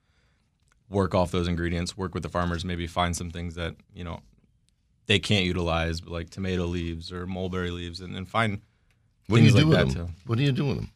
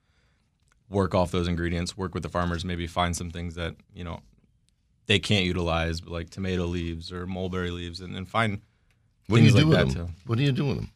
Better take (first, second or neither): neither